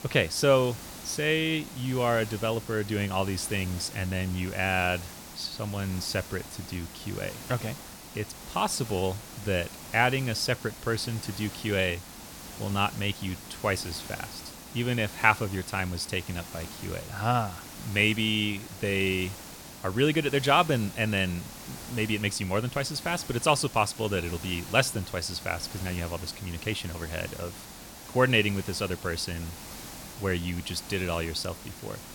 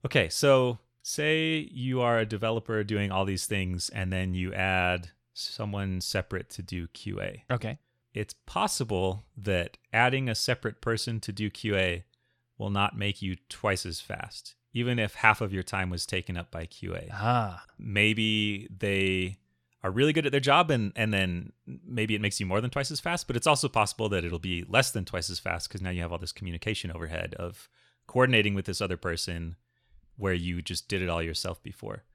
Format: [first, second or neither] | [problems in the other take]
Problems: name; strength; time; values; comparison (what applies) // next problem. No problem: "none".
second | hiss; noticeable; throughout; 15 dB below the speech